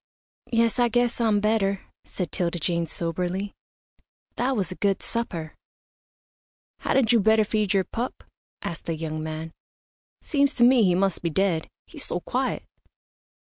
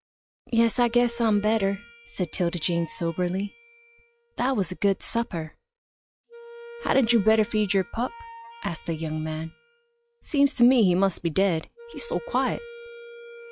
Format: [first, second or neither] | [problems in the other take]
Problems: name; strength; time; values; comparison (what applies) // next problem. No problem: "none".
first | noise reduction (classical method log-MMSE)